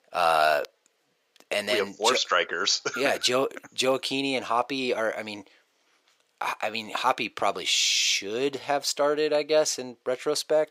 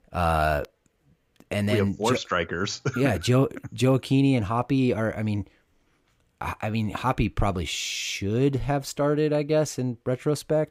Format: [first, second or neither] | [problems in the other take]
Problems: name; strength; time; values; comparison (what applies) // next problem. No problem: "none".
second | thin; very; fading below 550 Hz